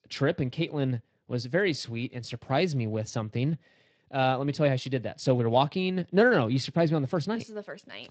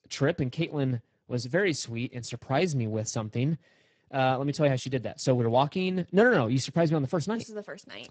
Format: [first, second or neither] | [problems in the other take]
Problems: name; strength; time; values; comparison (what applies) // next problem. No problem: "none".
first | garbled, watery; badly; nothing above 8 kHz; slightly in the first